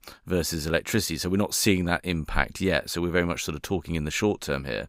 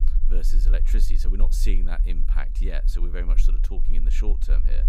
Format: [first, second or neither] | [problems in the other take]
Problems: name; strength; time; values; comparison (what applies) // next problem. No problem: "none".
first | low rumble; noticeable; throughout; 10 dB below the speech